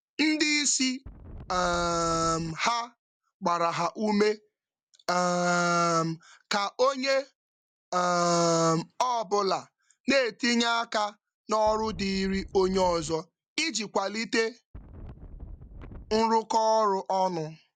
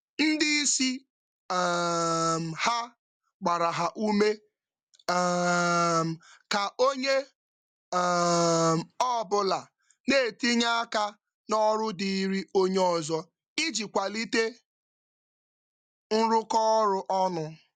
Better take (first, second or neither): second